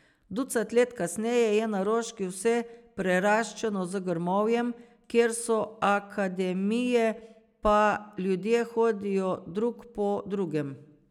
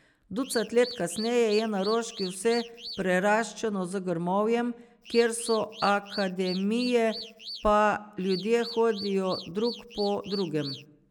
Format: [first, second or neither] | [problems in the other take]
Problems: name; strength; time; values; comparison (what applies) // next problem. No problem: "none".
first | background sound (Alarm / Car); 14 dB below the speech